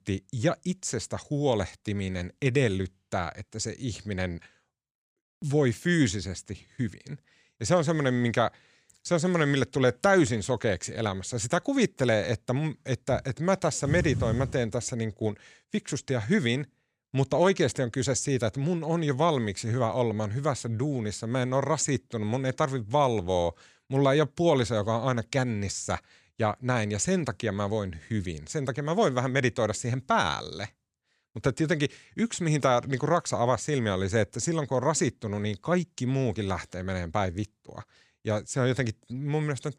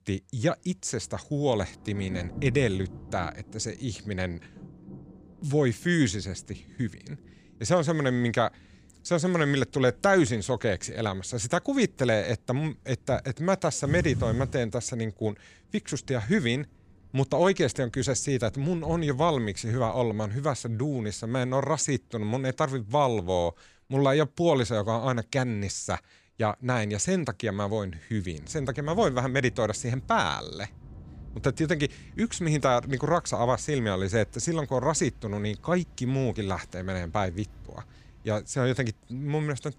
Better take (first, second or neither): first